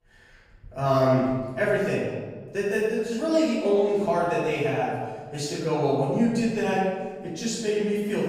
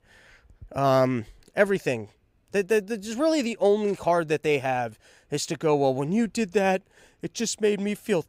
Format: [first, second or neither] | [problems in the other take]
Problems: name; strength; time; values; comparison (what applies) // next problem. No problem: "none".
second | room echo; strong; dies away in 1.3 s // off-mic speech; far